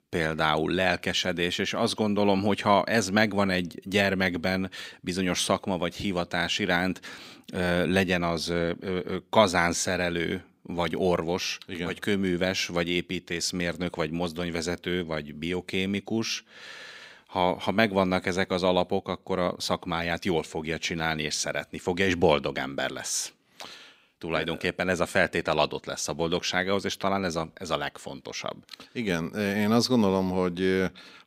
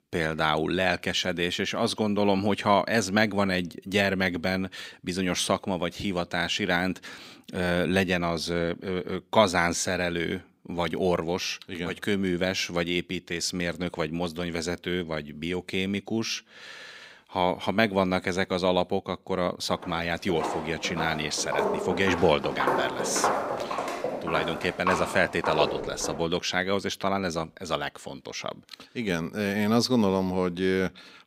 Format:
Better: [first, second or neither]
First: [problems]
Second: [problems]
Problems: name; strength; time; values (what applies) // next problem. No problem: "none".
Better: first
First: none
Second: footsteps; loud; from 20 to 26 s; peak 1 dB above the speech